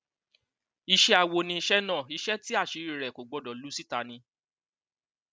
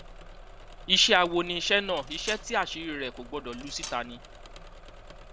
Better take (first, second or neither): first